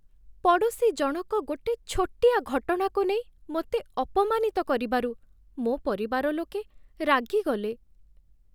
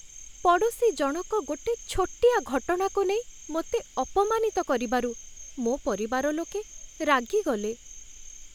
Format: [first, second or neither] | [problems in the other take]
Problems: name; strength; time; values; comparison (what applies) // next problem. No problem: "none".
first | background sound (Cricket); 17 dB below the speech